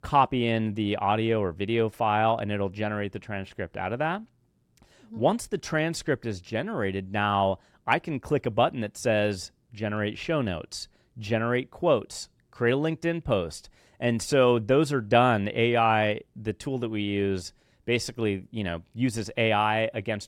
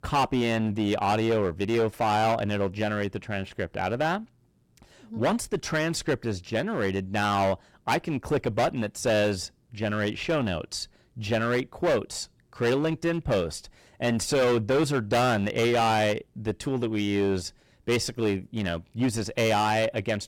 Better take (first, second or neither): first